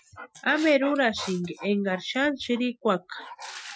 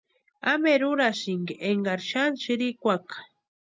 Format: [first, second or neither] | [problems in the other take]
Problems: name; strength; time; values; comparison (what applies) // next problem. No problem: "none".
second | noise reduction (classical method Wiener filter)